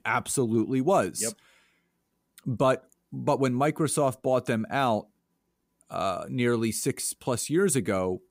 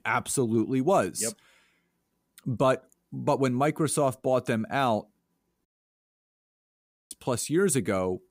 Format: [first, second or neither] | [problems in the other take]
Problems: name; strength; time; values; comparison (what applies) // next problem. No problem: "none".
first | audio cutting out; at 5.5 s for 1.5 s